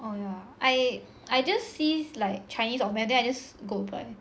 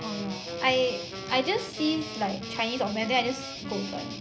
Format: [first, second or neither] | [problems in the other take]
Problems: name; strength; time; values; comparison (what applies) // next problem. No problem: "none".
first | background sound (Guitar + Wind instrument, woodwind instrument); 8 dB below the speech